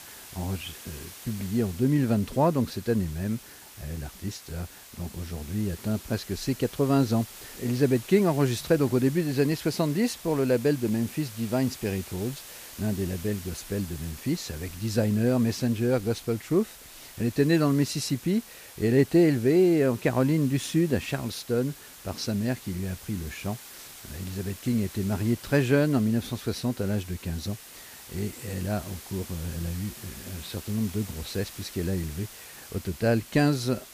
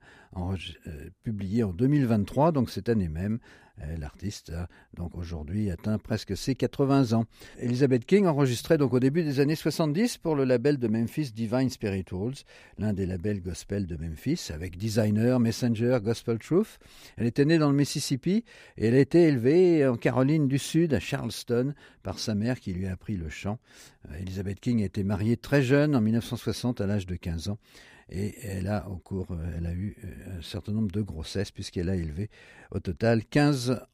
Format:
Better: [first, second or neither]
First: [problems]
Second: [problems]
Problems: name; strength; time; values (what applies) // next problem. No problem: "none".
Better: second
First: hiss; noticeable; throughout; 15 dB below the speech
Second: none